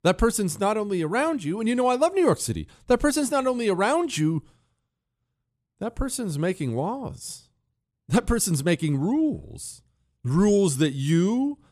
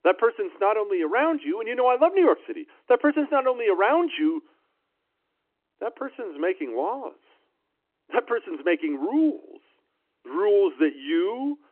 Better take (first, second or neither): first